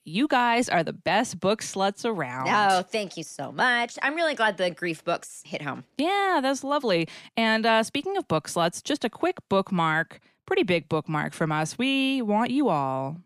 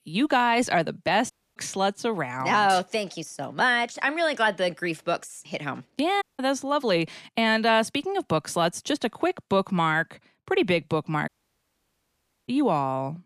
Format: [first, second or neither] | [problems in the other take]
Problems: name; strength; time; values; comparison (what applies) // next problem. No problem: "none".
first | audio cutting out; at 1.5 s, at 6 s and at 11 s for 1 s